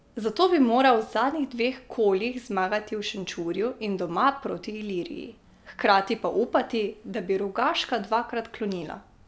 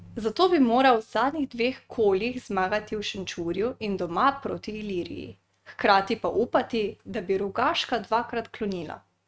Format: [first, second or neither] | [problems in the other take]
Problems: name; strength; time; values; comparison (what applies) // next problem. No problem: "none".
first | noise reduction (neural mask model RNNoise)